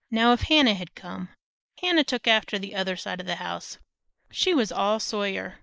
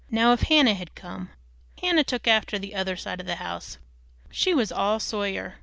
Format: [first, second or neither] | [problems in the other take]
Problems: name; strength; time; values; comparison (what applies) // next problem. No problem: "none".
second | noise reduction (neural mask model Resemble Enhance denoiser)